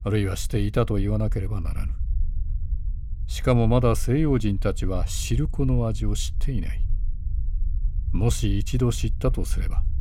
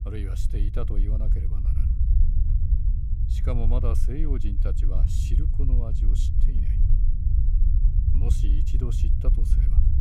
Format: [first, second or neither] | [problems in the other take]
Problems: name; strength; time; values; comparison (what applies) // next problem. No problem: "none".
first | low rumble; loud; throughout; 3 dB below the speech; faint in the first